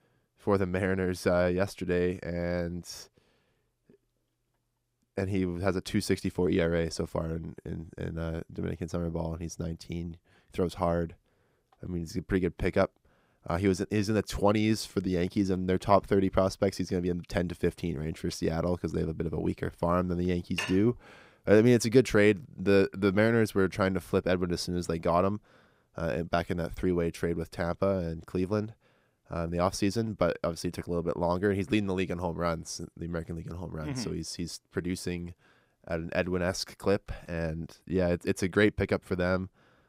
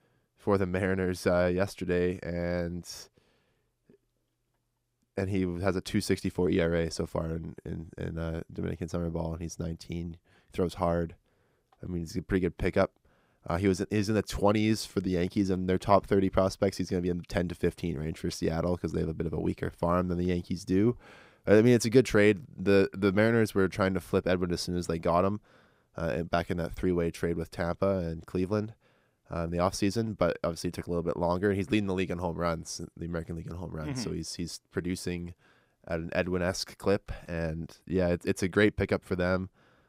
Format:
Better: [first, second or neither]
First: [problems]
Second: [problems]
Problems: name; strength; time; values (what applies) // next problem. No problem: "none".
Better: second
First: clattering dishes; noticeable; at 21 s; peak 5 dB below the speech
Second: none